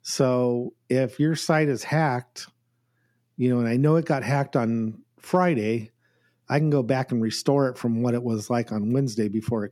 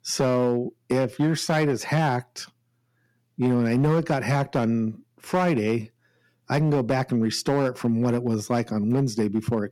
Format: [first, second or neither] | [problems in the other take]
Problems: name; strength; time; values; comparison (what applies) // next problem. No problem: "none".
first | distortion; slight; 6% of the sound clipped